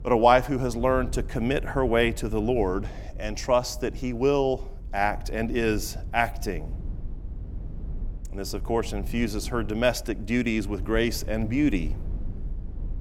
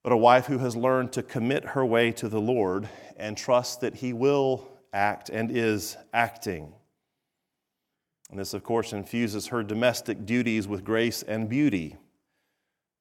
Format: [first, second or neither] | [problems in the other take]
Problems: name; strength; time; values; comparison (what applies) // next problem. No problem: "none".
second | low rumble; faint; throughout; 25 dB below the speech